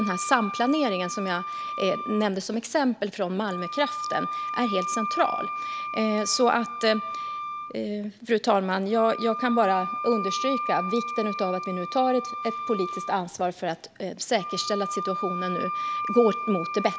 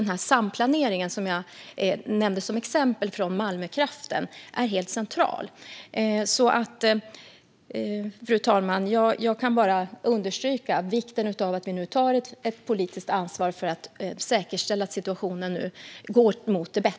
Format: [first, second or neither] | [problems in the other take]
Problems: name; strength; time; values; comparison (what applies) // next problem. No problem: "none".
second | background sound (Wind instrument, woodwind instrument); 6 dB below the speech